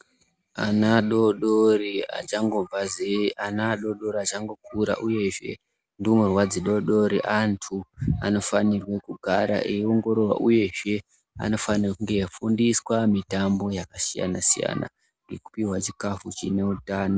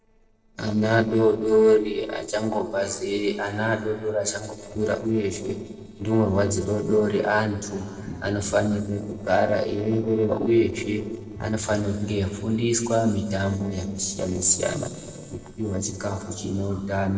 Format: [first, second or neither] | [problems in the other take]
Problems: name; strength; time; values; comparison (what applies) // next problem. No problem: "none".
first | noise reduction (neural separator model SepFormer DNS4)